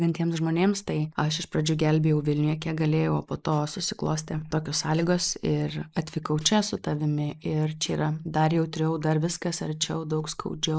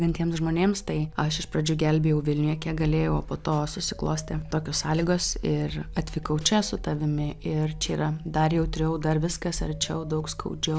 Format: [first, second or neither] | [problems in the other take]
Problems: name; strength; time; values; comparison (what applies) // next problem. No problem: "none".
second | noise reduction (neural mask model Resemble Enhance denoiser)